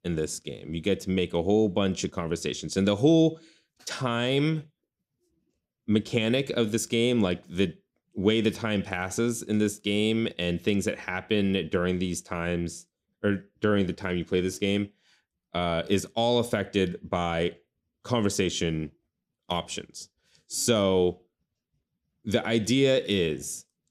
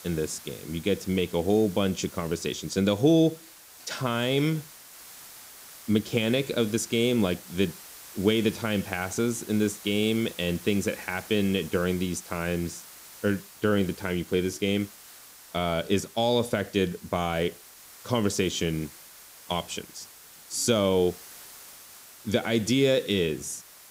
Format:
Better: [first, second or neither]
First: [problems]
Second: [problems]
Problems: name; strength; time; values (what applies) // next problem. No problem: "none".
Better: first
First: none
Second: hiss; noticeable; throughout; 20 dB below the speech